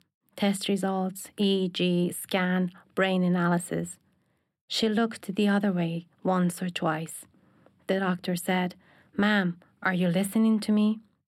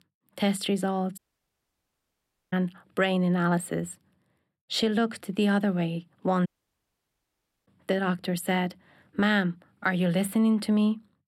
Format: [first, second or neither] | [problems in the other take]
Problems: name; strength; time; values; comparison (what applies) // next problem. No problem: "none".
first | audio cutting out; at 1 s for 1.5 s and at 6.5 s for 1 s